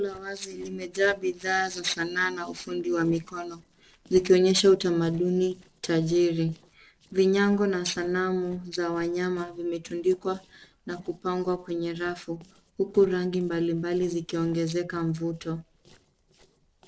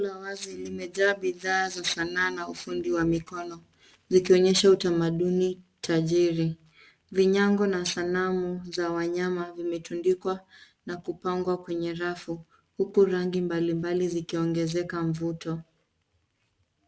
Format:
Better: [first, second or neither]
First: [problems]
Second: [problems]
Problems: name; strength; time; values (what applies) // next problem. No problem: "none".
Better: second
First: noise reduction (neural separator model SepFormer DNS4)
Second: none